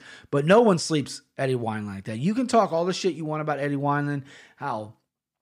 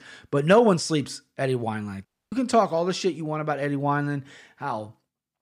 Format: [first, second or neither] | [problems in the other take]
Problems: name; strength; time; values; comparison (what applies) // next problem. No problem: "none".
first | audio cutting out; at 2 s